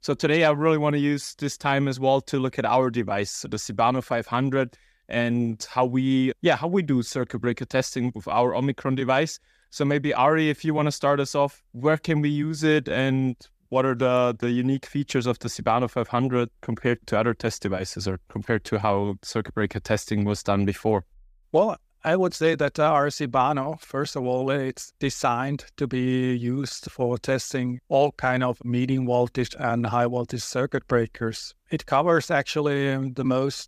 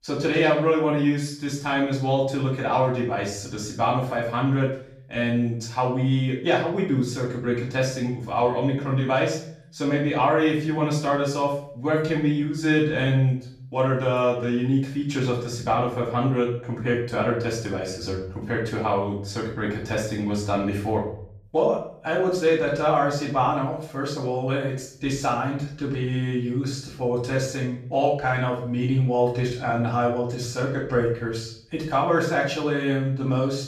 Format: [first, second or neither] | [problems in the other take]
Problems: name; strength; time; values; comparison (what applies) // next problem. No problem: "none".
first | off-mic speech; far // room echo; noticeable; dies away in 0.5 s